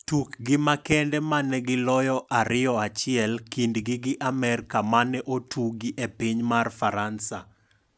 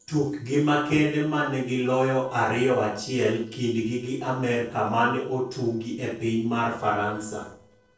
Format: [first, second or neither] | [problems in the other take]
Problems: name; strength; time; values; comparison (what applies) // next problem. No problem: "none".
first | noise reduction (neural separator model SepFormer DNS4)